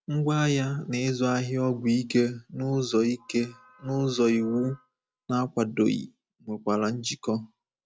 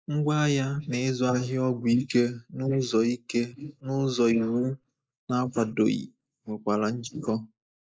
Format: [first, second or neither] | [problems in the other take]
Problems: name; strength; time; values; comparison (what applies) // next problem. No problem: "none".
first | noise reduction (neural mask model Resemble Enhance denoiser)